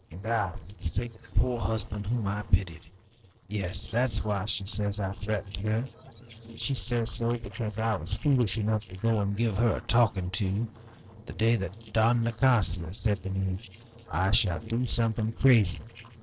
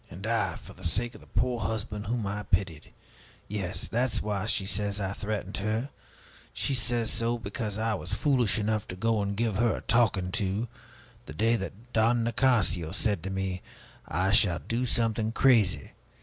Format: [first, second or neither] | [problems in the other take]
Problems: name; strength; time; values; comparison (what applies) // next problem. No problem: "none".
second | noise reduction (neural separator model SepFormer DNS4)